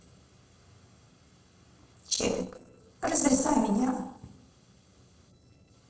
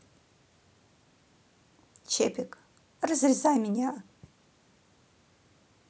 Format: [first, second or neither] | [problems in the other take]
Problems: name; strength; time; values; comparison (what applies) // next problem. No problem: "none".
second | noise reduction (neural separator model SepFormer DNS4)